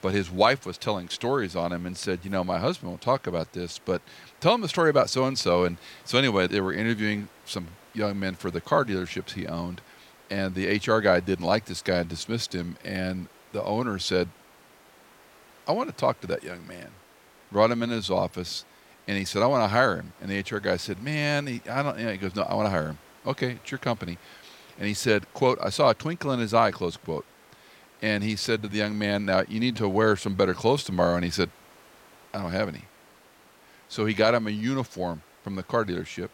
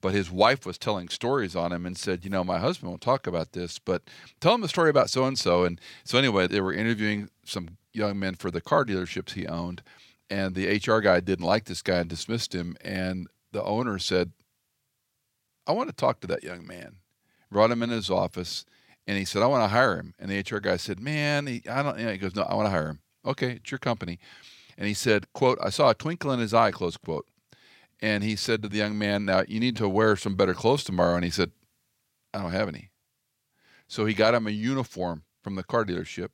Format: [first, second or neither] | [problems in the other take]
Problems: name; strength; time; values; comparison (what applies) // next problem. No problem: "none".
second | hiss; faint; throughout; 25 dB below the speech